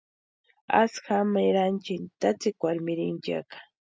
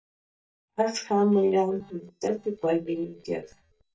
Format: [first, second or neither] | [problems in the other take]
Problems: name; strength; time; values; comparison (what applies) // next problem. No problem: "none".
first | noise reduction (neural mask model DeepFilterNet 3)